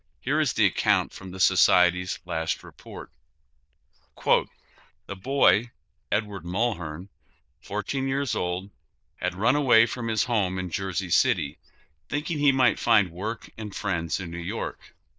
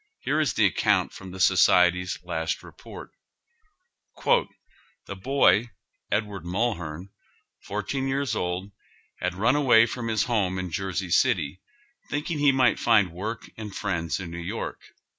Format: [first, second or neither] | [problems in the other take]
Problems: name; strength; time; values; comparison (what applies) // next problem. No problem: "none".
second | noise reduction (neural diffusion model UNIVERSE++)